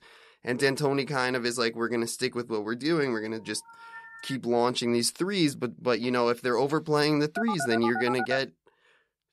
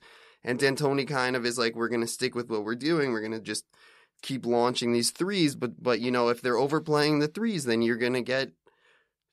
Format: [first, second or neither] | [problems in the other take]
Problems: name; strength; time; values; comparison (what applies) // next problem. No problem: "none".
second | phone ringing; faint; at 3.5 s; peak 15 dB below the speech // phone ringing; noticeable; from 7.5 to 8.5 s; peak 4 dB below the speech